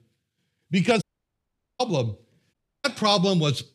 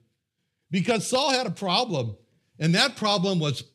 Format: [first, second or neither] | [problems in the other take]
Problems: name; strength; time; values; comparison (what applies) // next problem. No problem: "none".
second | audio cutting out; at 1 s for 1 s and at 2.5 s